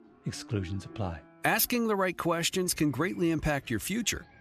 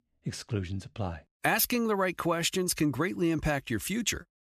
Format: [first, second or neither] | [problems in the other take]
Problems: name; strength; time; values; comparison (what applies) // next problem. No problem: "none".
second | animal sounds; faint; throughout; 25 dB below the speech